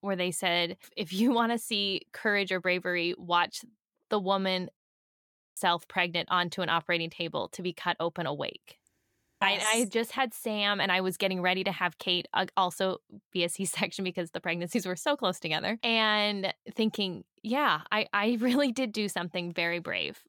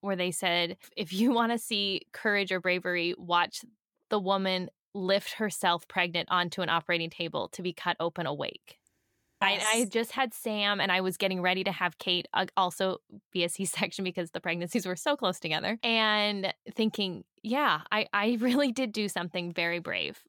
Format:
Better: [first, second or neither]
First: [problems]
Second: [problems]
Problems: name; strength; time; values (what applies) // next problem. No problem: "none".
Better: second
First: audio cutting out; at 5 s for 1 s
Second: none